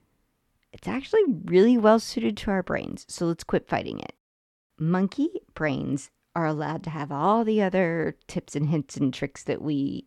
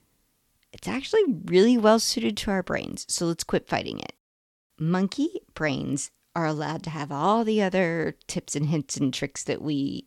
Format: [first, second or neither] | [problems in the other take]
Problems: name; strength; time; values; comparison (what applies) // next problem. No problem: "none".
second | muffled; slightly; fading above 3 kHz